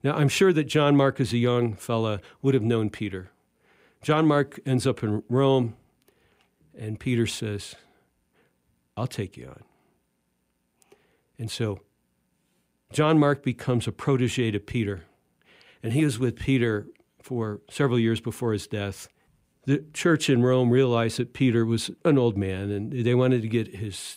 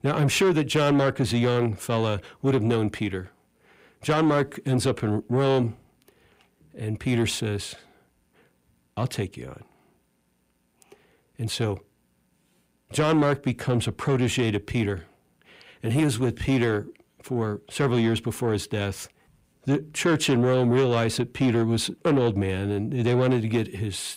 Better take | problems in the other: first | distortion; slight; 10 dB below the speech

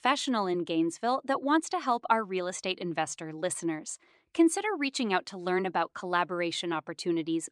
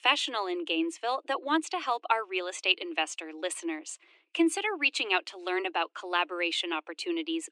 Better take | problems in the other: first | thin; somewhat; fading below 300 Hz

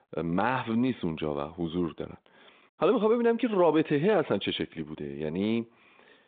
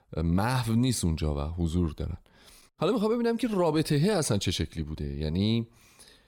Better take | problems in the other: second | phone-call audio; nothing above 3.5 kHz

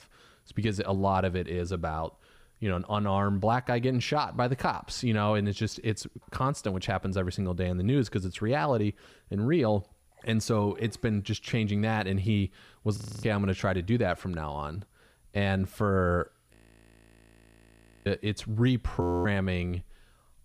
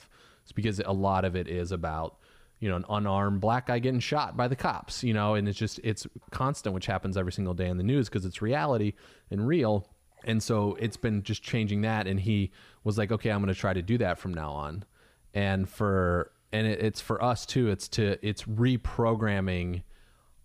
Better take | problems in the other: second | audio freezing; at 13 s, at 17 s for 1.5 s and at 19 s

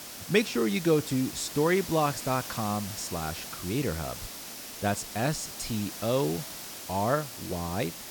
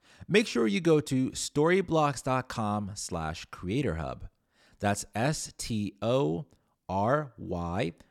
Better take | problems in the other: second | hiss; loud; throughout; 8 dB below the speech

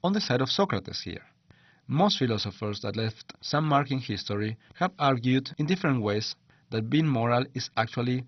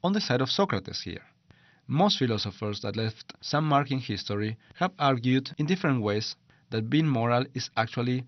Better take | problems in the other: second | garbled, watery; badly; nothing above 6 kHz; slightly in the second

